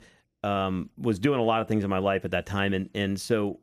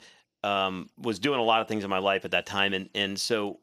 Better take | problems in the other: first | thin; very slightly; fading below 750 Hz

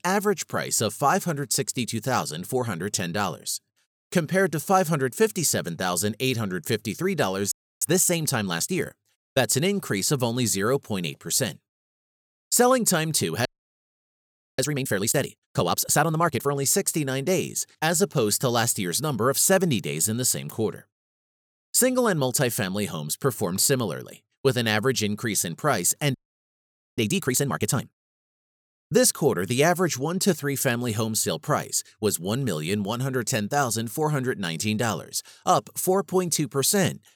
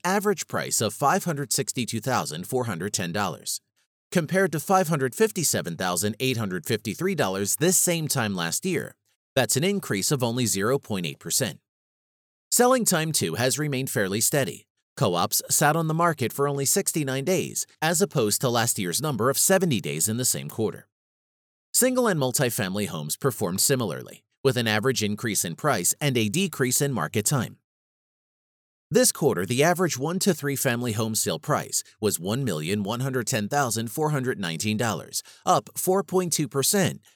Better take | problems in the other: second | audio freezing; at 7.5 s, at 13 s for 1 s and at 26 s for 1 s

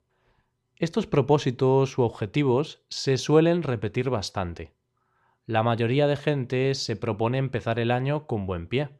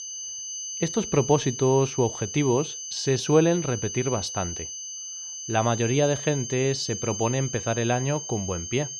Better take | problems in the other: first | high-pitched whine; loud; throughout; 6 kHz, 7 dB below the speech

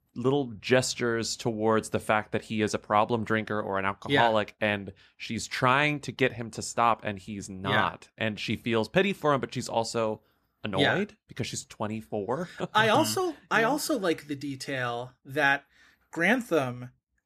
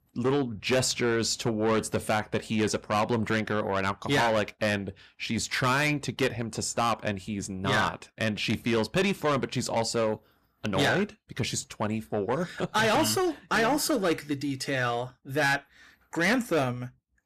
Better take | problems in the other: first | distortion; heavy; 7 dB below the speech

